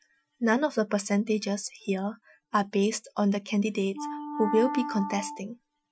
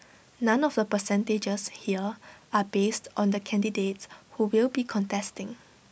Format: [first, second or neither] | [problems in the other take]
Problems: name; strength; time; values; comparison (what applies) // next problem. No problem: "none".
second | noise reduction (classical method Wiener filter)